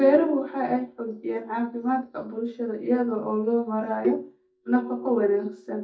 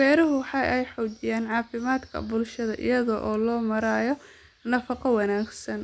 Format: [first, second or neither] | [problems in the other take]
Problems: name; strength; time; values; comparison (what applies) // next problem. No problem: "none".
second | noise reduction (neural mask model DeepFilterNet 3)